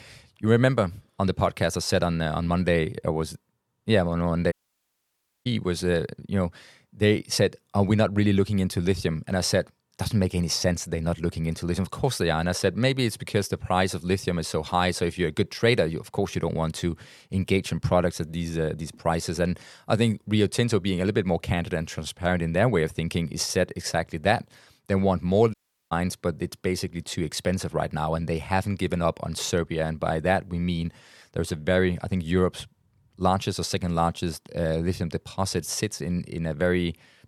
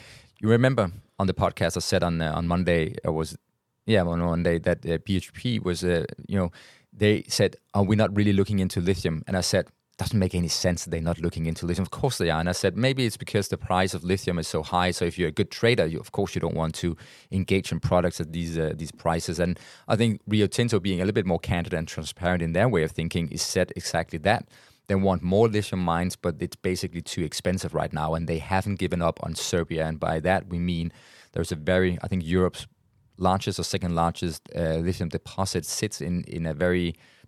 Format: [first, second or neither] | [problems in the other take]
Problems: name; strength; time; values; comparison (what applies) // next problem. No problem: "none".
second | audio cutting out; at 4.5 s for 1 s and at 26 s